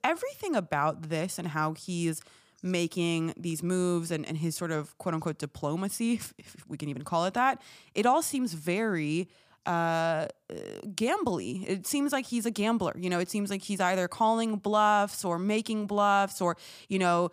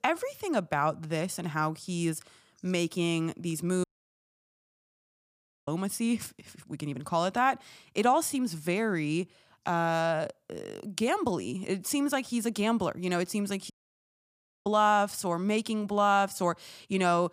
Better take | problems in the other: first | audio cutting out; at 4 s for 2 s and at 14 s for 1 s

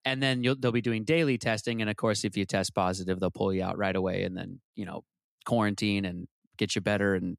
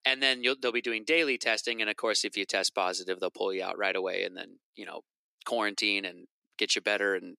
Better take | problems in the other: first | thin; somewhat; fading below 350 Hz

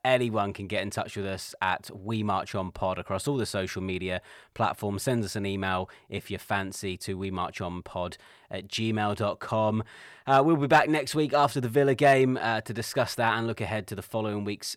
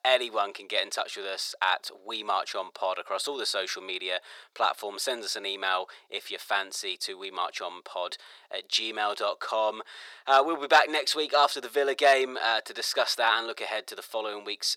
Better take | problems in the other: first | thin; very; fading below 400 Hz

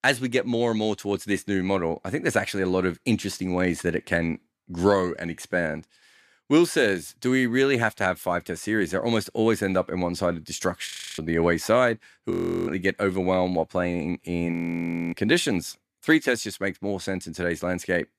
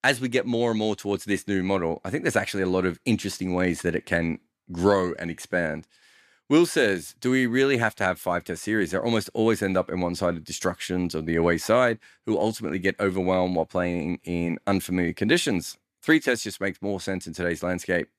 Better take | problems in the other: second | audio freezing; at 11 s, at 12 s and at 15 s for 0.5 s

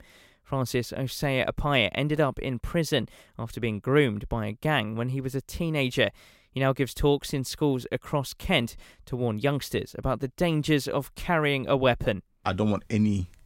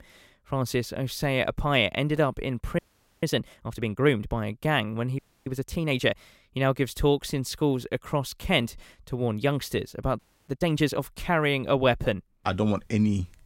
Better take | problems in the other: first | audio freezing; at 3 s, at 5 s and at 10 s

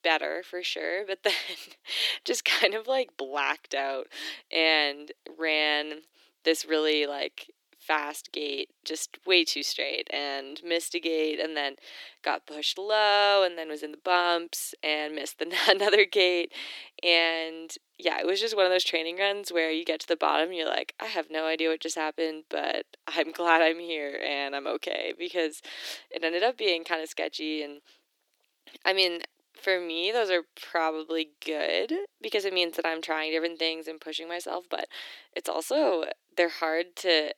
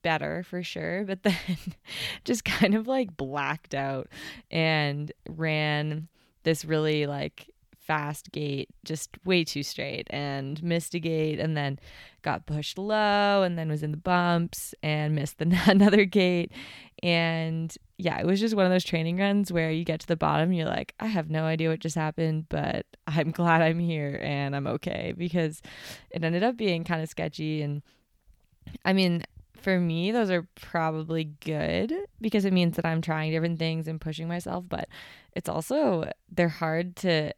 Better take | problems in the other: second | thin; very; fading below 300 Hz

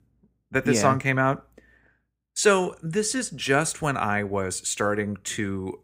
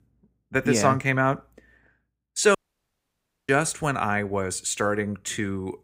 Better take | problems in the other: first | audio cutting out; at 2.5 s for 1 s

